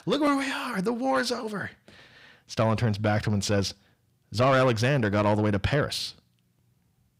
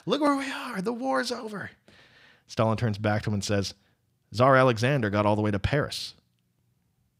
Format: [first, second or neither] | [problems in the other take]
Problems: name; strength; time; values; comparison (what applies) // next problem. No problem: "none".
second | distortion; slight; 10 dB below the speech